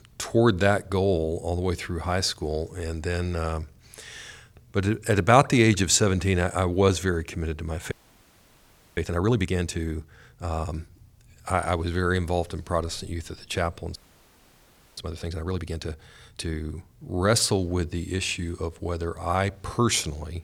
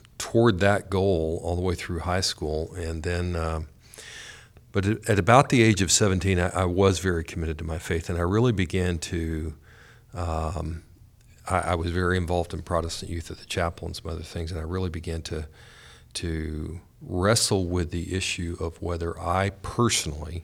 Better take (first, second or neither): second